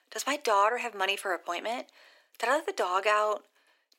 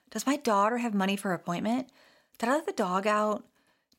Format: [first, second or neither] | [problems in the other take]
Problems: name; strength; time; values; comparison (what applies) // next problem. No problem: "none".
second | thin; very; fading below 350 Hz